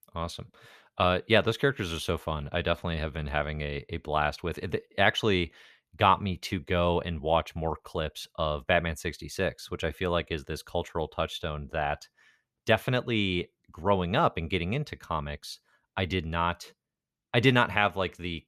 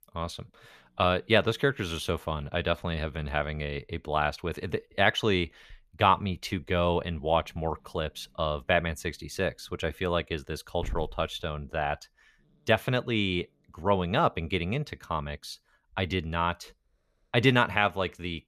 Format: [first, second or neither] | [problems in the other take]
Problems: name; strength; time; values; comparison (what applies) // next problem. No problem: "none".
first | hiss; faint; throughout; 20 dB below the speech